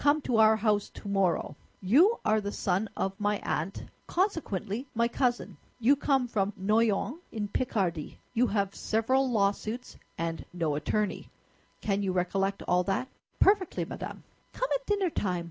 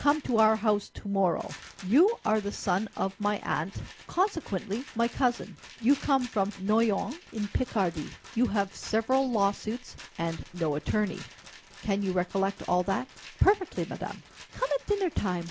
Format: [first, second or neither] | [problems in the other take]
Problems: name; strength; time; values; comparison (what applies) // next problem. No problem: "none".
first | background sound (Rattle); 20 dB below the speech